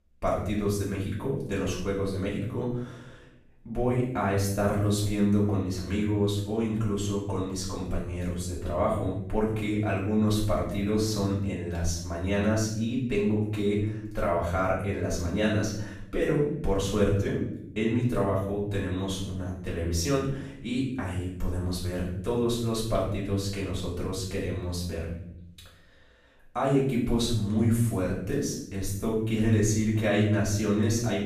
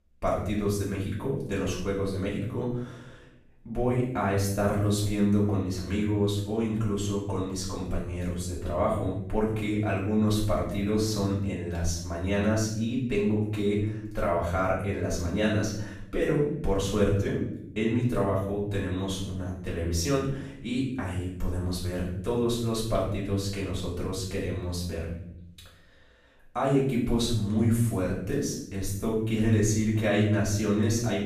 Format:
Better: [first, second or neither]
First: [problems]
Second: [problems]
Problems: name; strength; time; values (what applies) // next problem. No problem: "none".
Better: neither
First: room echo; noticeable; dies away in 0.7 s // off-mic speech; far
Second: room echo; noticeable; dies away in 0.7 s // off-mic speech; far